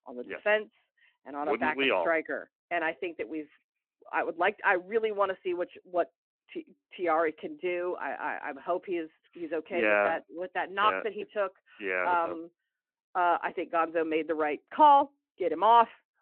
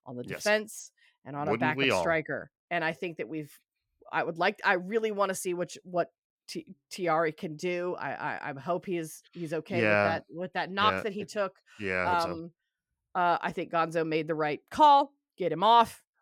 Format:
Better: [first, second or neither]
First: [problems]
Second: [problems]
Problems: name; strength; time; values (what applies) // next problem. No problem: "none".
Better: second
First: phone-call audio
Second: none